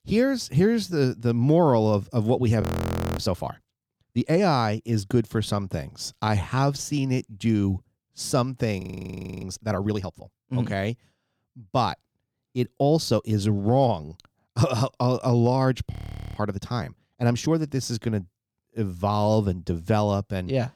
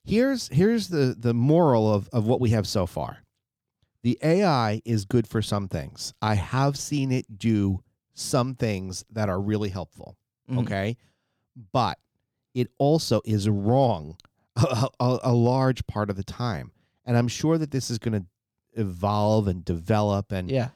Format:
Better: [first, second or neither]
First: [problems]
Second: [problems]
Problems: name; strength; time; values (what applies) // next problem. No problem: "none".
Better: second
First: audio freezing; at 2.5 s for 0.5 s, at 9 s for 0.5 s and at 16 s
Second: none